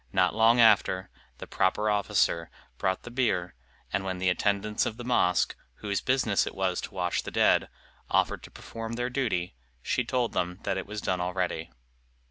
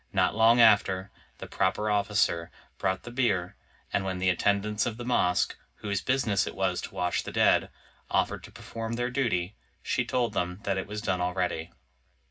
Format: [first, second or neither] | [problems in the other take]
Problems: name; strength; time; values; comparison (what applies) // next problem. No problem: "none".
first | room echo; dies away in 0.4 s